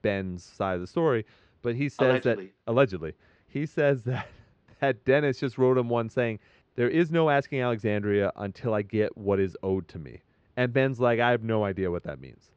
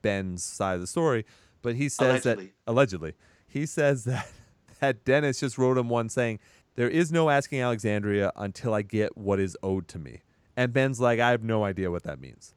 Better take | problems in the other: second | muffled; slightly; fading above 4 kHz

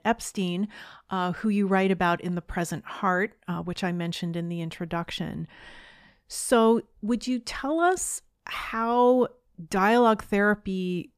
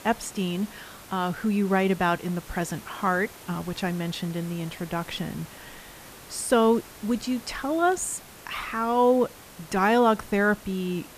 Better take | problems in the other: first | hiss; noticeable; throughout; 20 dB below the speech

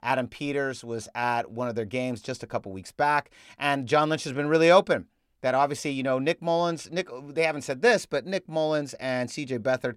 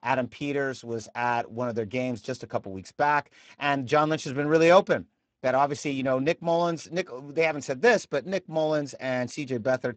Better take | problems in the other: first | garbled, watery; badly; nothing above 7.5 kHz

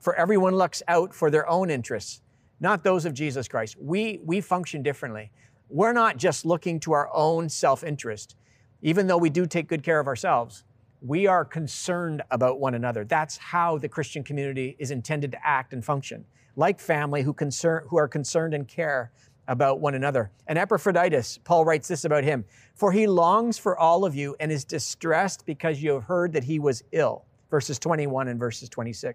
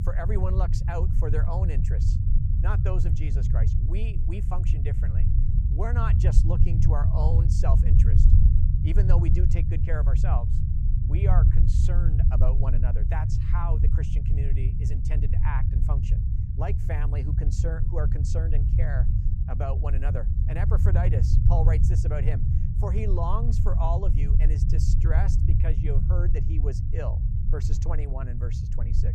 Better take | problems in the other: first | low rumble; loud; throughout; 3 dB below the speech

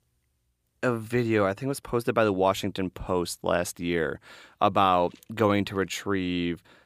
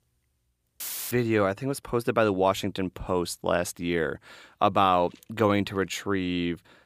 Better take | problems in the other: first | audio cutting out; filled with static; at 1 s

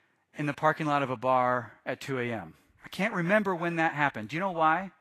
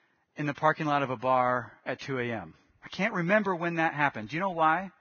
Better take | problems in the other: first | garbled, watery; badly; nothing above 6.5 kHz; slightly in the first

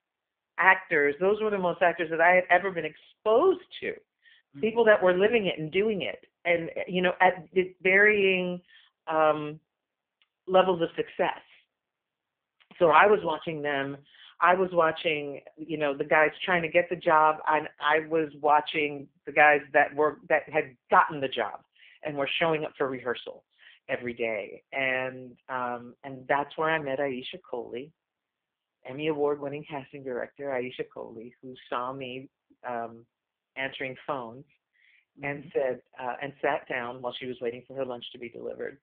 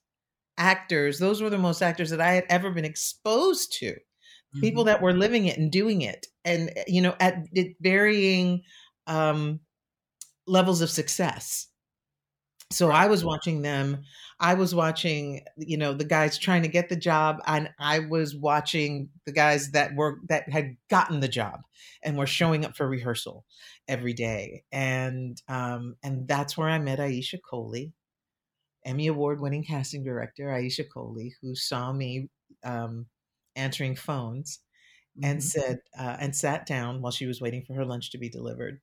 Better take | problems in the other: second | phone-call audio; poor line

